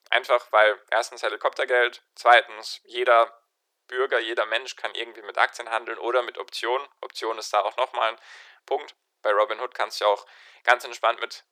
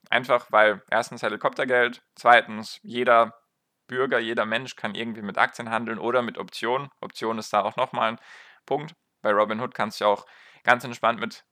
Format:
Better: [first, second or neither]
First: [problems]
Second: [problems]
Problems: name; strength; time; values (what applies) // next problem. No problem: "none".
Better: second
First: thin; very; fading below 350 Hz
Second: none